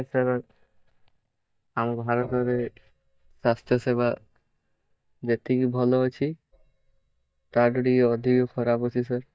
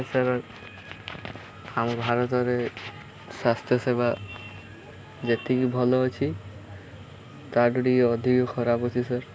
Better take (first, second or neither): second